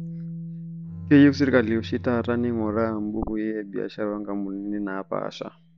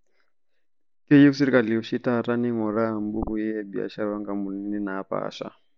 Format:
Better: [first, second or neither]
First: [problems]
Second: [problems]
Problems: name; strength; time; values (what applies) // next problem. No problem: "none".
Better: second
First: background sound (Bowed string instrument + Bass guitar); 14 dB below the speech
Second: none